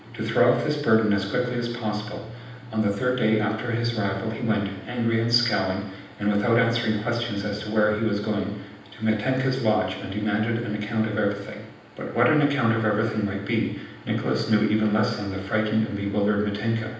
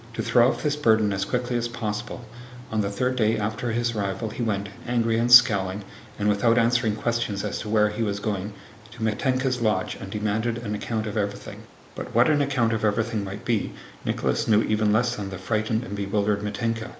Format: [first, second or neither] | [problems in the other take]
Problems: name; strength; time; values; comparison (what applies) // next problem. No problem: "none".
second | room echo; dies away in 0.9 s